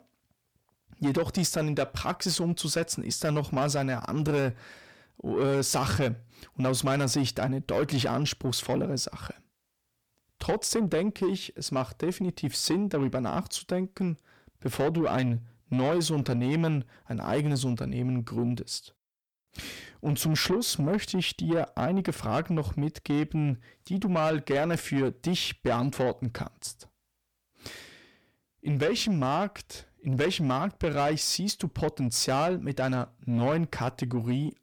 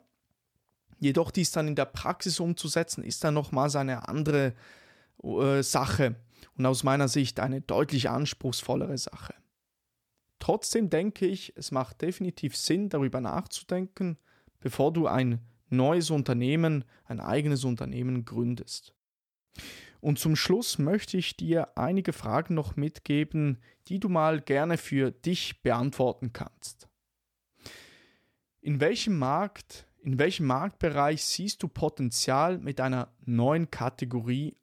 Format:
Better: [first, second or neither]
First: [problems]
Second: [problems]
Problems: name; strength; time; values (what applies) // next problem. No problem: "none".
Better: second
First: distortion; slight; 10 dB below the speech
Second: none